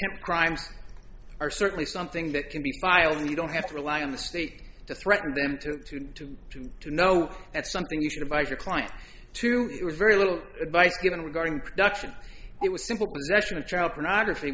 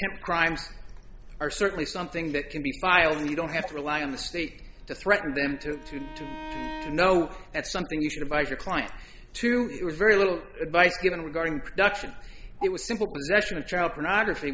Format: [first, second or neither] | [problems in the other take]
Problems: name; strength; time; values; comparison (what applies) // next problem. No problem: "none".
first | background sound (Bowed string instrument); 15 dB below the speech